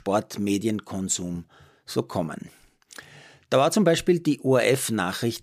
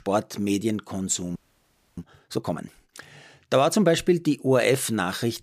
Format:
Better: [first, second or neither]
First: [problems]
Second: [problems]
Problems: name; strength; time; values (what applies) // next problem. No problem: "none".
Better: first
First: none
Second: audio freezing; at 1.5 s for 0.5 s